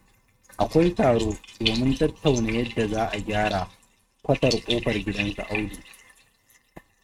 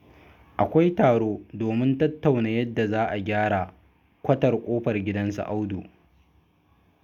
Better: second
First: noise reduction (neural mask model RNNoise)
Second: none

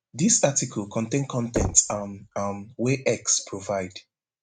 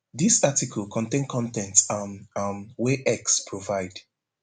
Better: second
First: noise reduction (neural mask model RNNoise)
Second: none

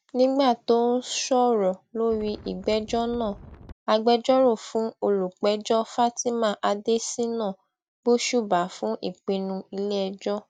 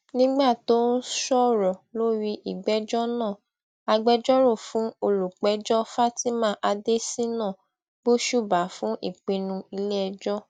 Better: second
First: background sound (Wind); 19 dB below the speech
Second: none

